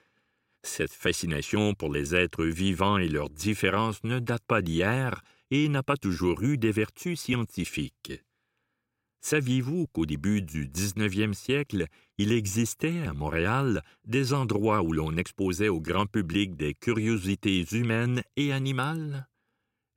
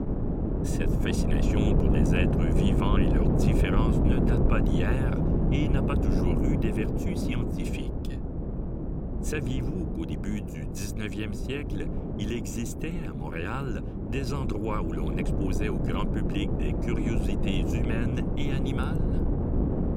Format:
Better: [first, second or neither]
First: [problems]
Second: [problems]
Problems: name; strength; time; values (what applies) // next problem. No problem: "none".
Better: first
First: none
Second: wind noise on the microphone; heavy; 1 dB above the speech